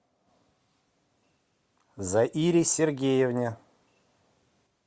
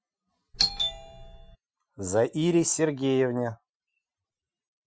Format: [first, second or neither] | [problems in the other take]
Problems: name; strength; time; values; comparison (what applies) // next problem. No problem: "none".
first | noise reduction (classical method Wiener filter)